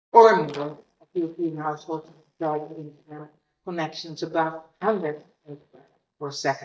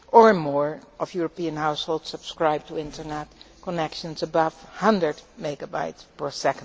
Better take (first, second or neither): second